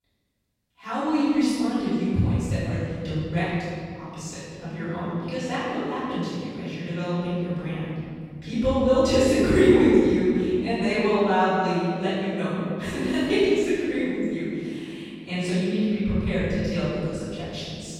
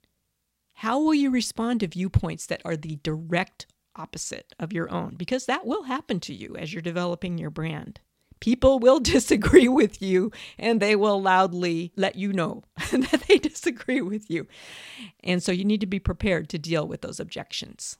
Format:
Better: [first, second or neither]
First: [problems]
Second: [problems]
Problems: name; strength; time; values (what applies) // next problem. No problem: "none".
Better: second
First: off-mic speech; far // room echo; strong; dies away in 2.7 s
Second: none